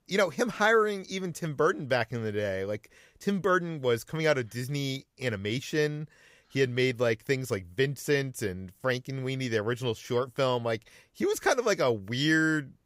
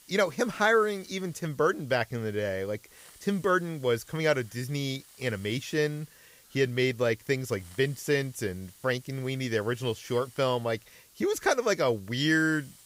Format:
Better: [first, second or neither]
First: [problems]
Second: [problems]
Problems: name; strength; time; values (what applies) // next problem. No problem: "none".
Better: first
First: none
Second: hiss; faint; throughout; 25 dB below the speech